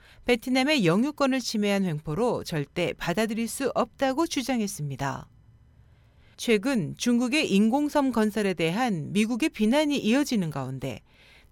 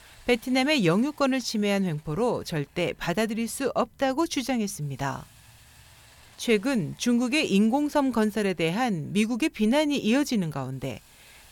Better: first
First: none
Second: hiss; faint; throughout; 30 dB below the speech

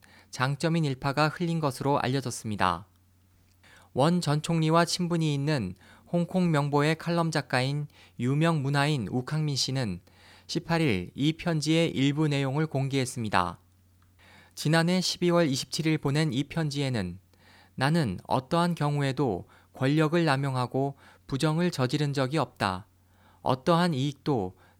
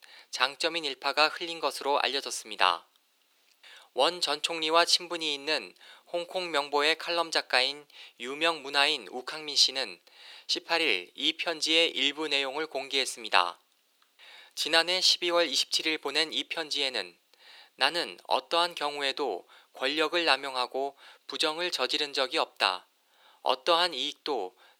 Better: first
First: none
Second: thin; very; fading below 400 Hz

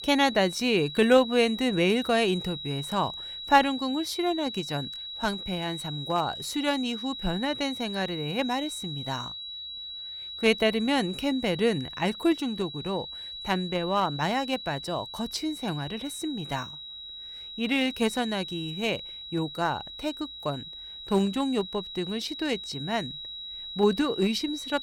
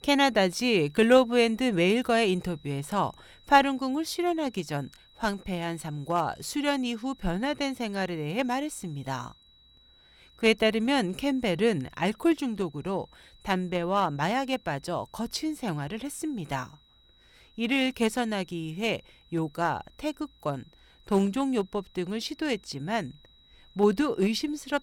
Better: second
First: high-pitched whine; loud; throughout; 4 kHz, 9 dB below the speech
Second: high-pitched whine; faint; throughout; 4 kHz, 30 dB below the speech

